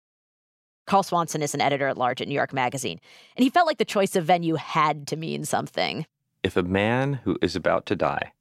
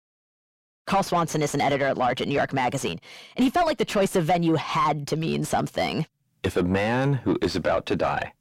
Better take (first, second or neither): first